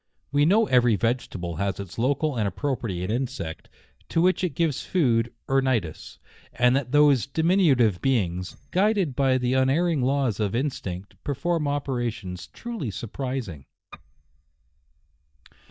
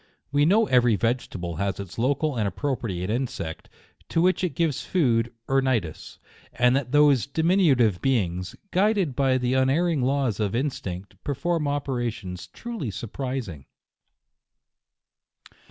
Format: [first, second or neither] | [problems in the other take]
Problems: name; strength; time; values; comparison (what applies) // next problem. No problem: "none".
second | noise reduction (neural mask model DeepFilterNet 3)